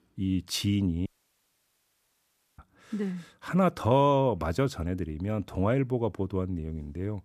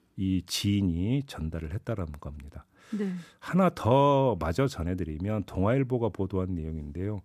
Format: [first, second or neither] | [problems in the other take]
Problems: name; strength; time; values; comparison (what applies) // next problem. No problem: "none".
second | audio cutting out; at 1 s for 1.5 s